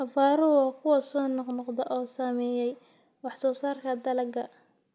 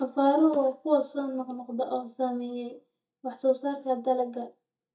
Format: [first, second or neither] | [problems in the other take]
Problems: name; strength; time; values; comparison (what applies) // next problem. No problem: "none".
first | noise reduction (neural mask model DeepFilterNet 3)